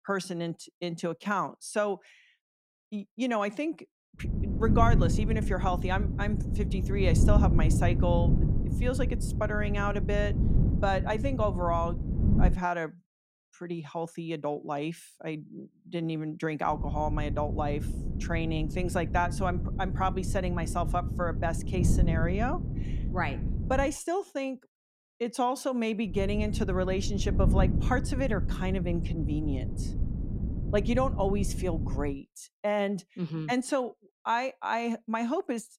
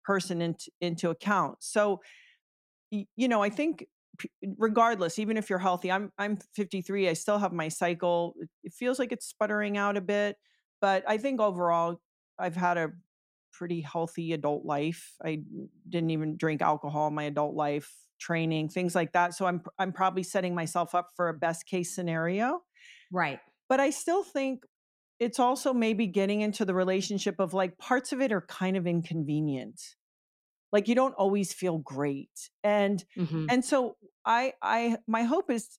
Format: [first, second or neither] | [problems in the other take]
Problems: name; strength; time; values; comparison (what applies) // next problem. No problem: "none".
second | wind noise on the microphone; heavy; from 4.5 to 13 s, from 17 to 24 s and from 26 to 32 s; 10 dB below the speech